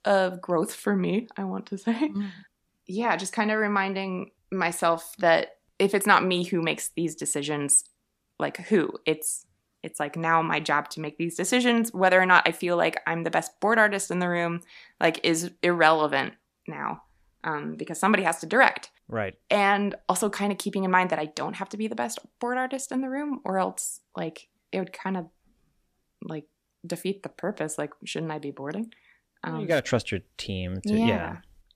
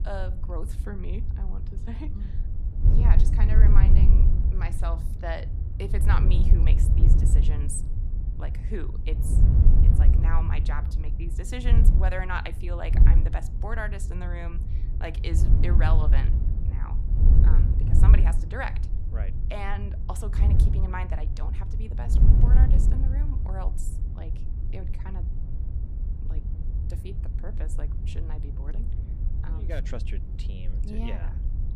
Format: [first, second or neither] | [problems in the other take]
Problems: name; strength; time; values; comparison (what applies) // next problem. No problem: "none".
first | wind noise on the microphone; heavy; 4 dB below the speech